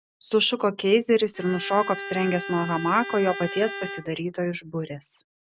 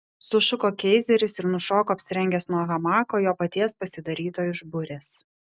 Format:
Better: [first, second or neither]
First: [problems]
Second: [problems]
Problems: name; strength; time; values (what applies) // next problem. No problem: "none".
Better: second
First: background sound (Bowed string instrument); 11 dB below the speech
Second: none